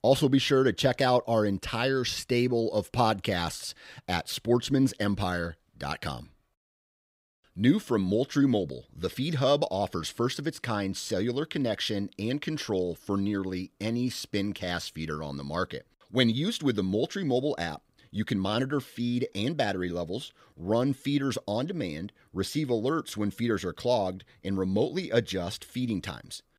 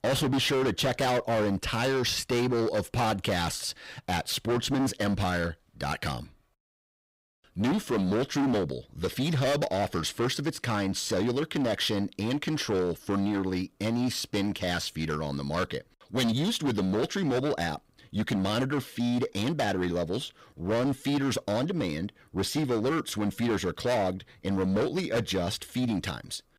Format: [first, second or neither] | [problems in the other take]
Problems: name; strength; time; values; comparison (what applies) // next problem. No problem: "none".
first | distortion; heavy; 17% of the sound clipped